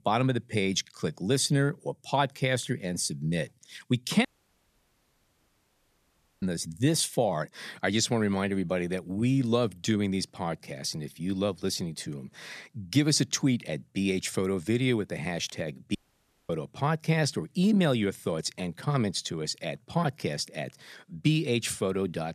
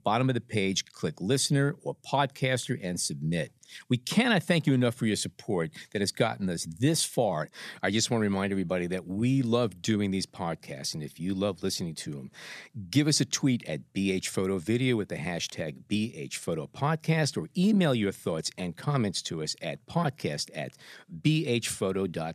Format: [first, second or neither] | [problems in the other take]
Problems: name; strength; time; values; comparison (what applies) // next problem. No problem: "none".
second | audio cutting out; at 4.5 s for 2 s and at 16 s for 0.5 s